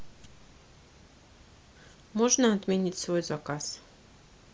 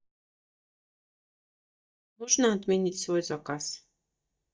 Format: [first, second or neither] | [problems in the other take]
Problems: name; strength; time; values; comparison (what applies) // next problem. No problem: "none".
first | noise reduction (neural mask model DeepFilterNet 3)